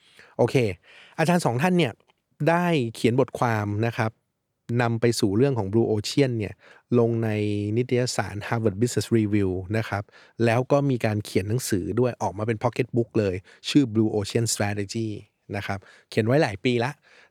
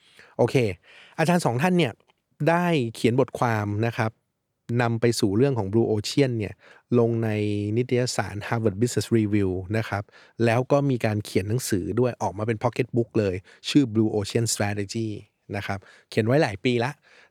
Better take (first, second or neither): neither